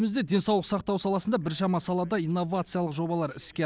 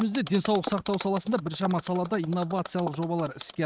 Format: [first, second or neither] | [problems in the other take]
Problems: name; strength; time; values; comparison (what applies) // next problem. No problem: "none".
first | noise reduction (neural mask model RNNoise)